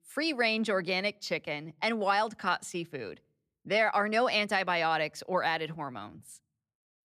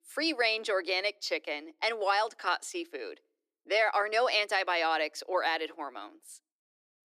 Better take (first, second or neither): first